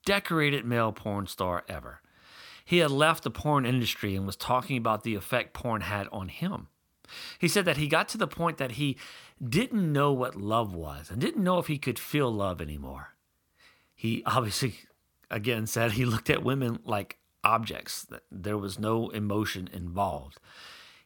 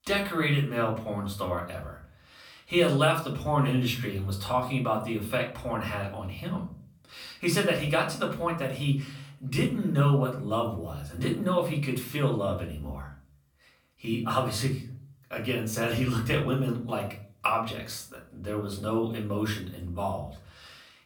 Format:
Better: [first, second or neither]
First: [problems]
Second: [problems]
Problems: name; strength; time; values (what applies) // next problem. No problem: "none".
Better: first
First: none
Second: room echo; slight; dies away in 0.4 s // off-mic speech; far